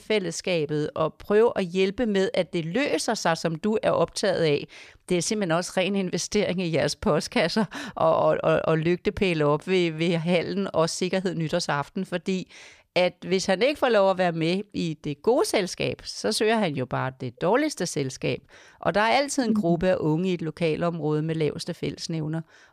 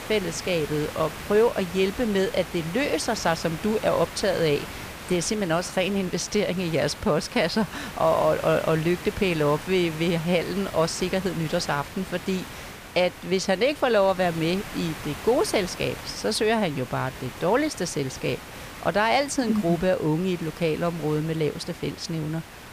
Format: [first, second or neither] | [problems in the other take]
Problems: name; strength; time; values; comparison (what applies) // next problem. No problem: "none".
first | hiss; noticeable; throughout; 15 dB below the speech